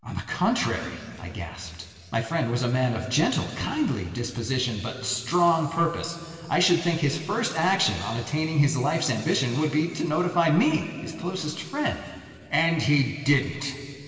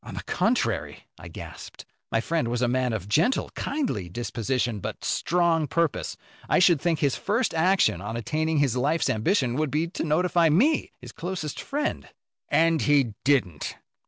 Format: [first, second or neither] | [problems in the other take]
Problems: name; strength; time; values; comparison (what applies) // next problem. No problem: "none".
second | room echo; dies away in 2.5 s